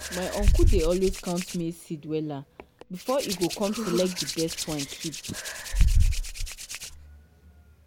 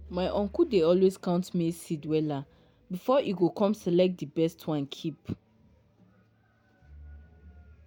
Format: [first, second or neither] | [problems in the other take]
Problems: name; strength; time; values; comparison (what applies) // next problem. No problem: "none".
second | background sound (Hands); 4 dB above the speech